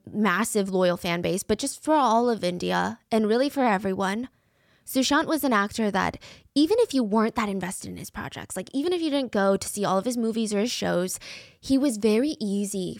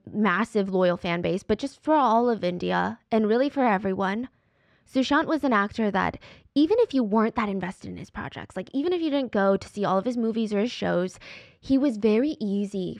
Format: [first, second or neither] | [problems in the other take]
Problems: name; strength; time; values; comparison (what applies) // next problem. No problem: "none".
first | muffled; slightly; fading above 3 kHz